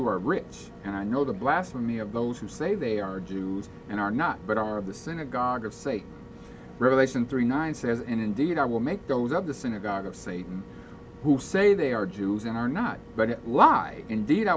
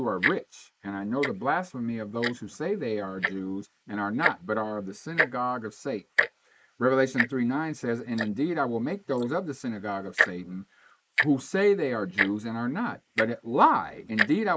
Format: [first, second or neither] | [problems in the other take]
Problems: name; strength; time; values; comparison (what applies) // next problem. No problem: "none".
first | noise reduction (neural mask model Resemble Enhance denoiser)